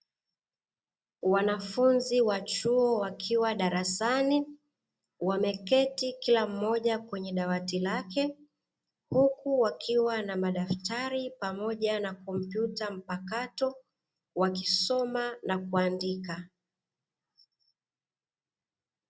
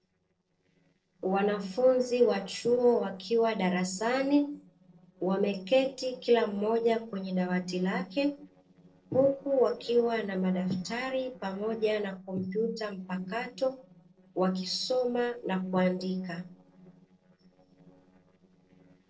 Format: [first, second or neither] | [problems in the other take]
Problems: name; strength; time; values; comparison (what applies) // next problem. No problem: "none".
first | noise reduction (neural separator model SepFormer DNS4)